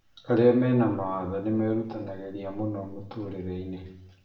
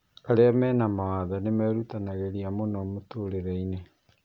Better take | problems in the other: second | room echo; dies away in 0.7 s

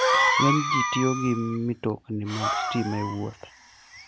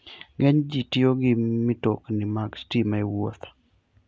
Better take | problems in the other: second | background sound (Cough); 1 dB above the speech

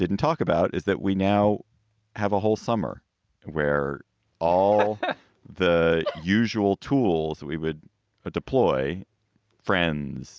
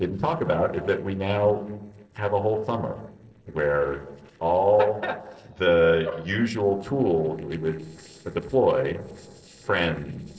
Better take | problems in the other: first | noise reduction (neural separator model SepFormer DNS4)

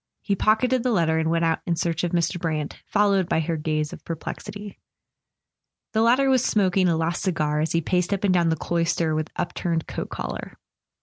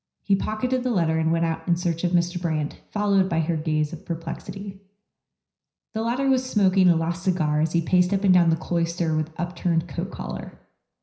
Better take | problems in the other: first | room echo; dies away in 0.5 s

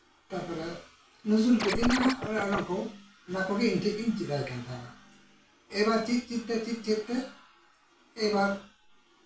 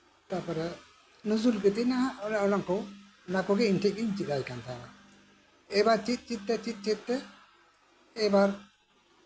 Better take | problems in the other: second | background sound (Scratching (performance technique)); 1 dB below the speech // room echo; dies away in 0.3 s

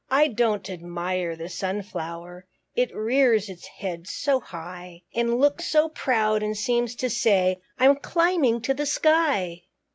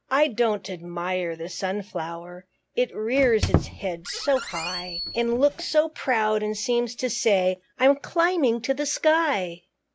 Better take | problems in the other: first | background sound (Squeak); 5 dB below the speech

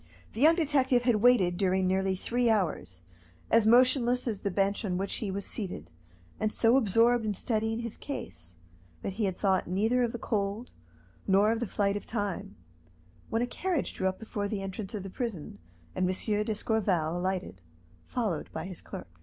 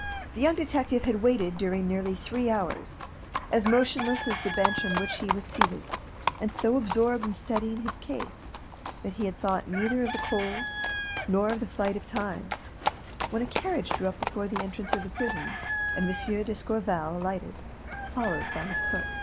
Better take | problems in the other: first | background sound (Chicken, rooster + Livestock, farm animals, working animals); 4 dB below the speech

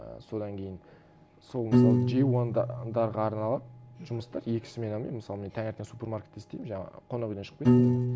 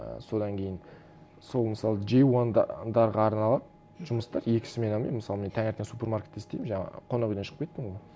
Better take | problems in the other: second | background sound (Piano); 3 dB above the speech

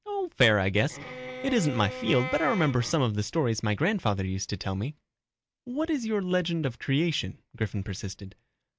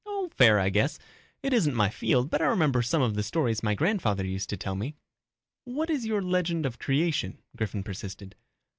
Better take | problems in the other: second | background sound (Bowed string instrument); 11 dB below the speech

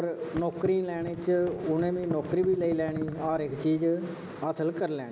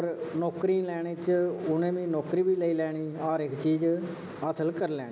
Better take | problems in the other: second | background sound (Thump, thud); 12 dB below the speech

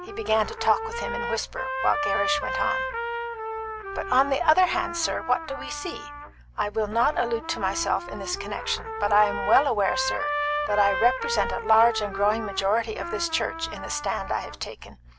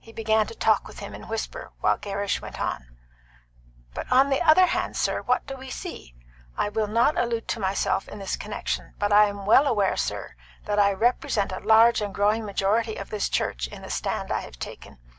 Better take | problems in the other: second | background sound (Trumpet); 6 dB below the speech

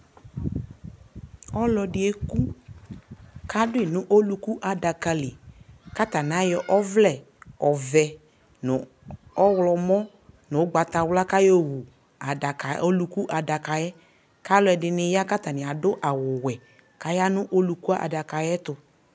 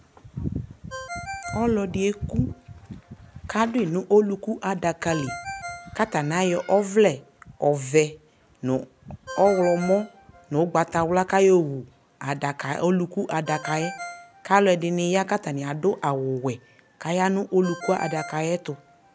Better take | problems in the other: first | background sound (Ringtone); 17 dB below the speech

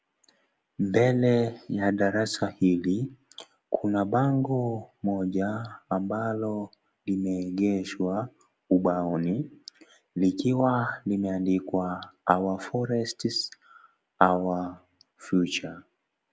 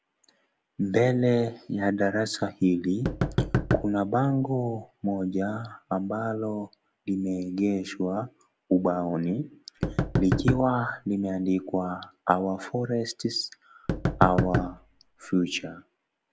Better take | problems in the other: first | background sound (Knock); 2 dB below the speech

